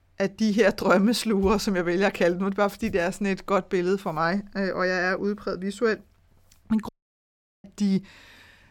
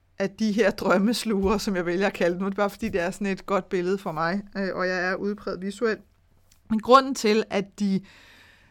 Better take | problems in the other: second | audio cutting out; at 7 s for 1 s

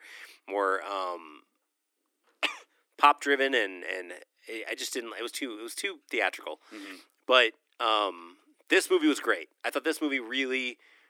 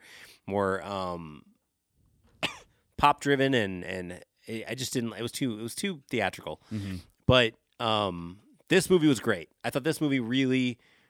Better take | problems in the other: second | thin; somewhat; fading below 300 Hz

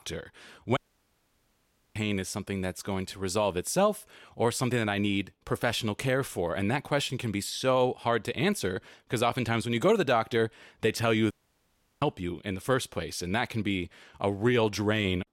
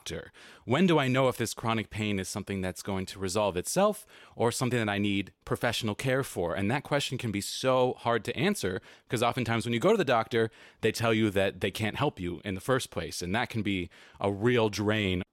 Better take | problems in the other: second | audio cutting out; at 1 s for 1 s and at 11 s for 0.5 s

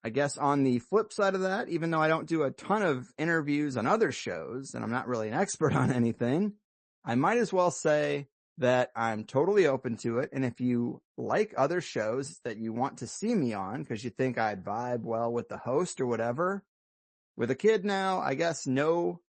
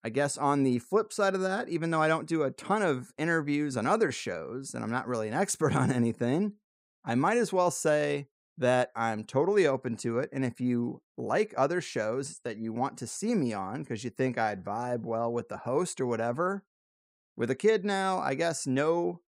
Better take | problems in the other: second | garbled, watery; slightly; nothing above 8 kHz

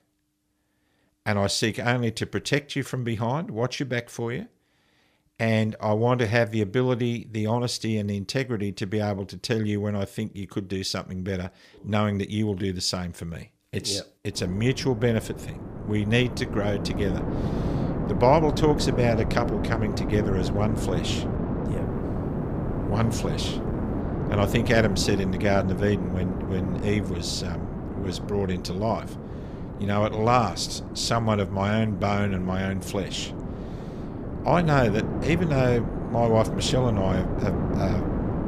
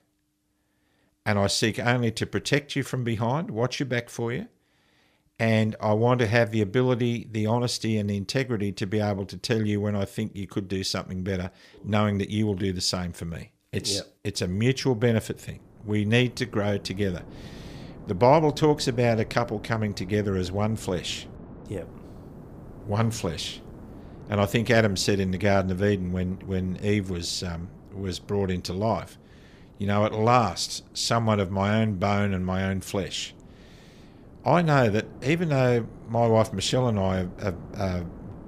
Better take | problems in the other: second | wind noise on the microphone; heavy; from 14 s on; 8 dB below the speech; occasional gusts in the second

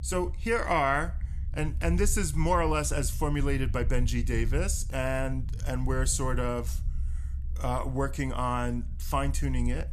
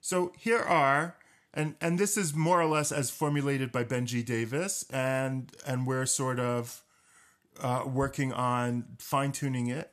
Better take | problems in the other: second | low rumble; faint; throughout; 20 dB below the speech

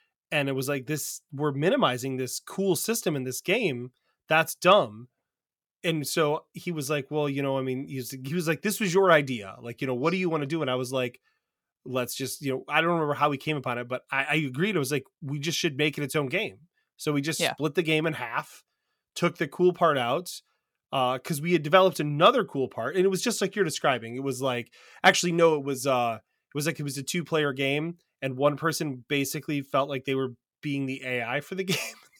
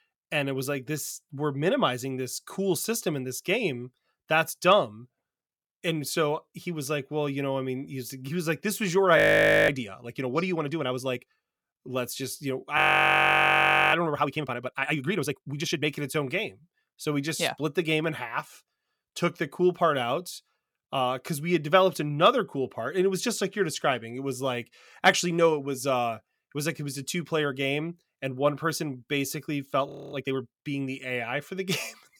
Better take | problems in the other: first | audio freezing; at 9 s for 0.5 s, at 13 s for 1 s and at 30 s

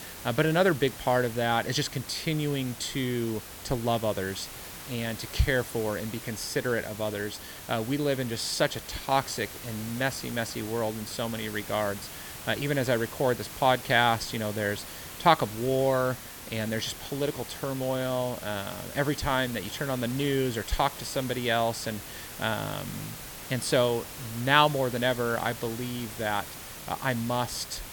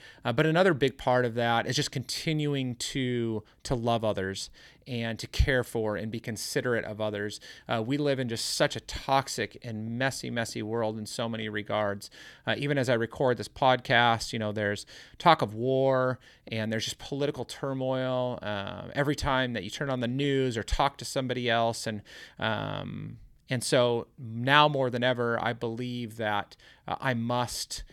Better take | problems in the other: second | hiss; noticeable; throughout; 10 dB below the speech

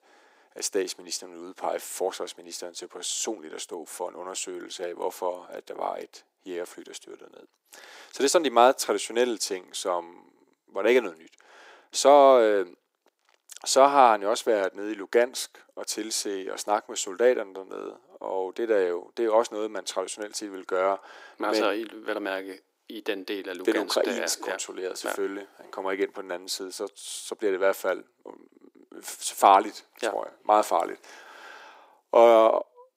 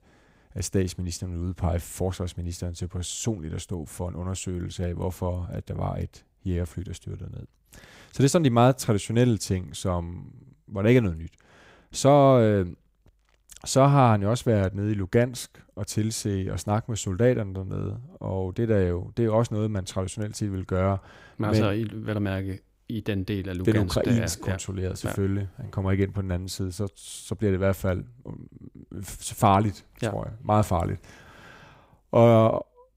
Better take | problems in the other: second | thin; very; fading below 350 Hz

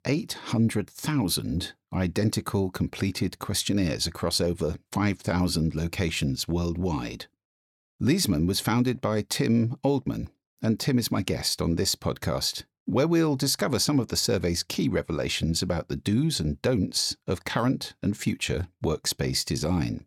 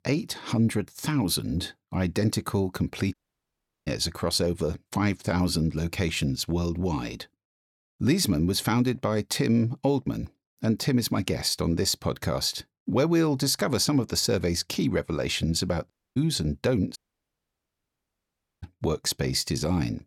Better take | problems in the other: first | audio cutting out; at 3 s for 0.5 s, at 16 s and at 17 s for 1.5 s

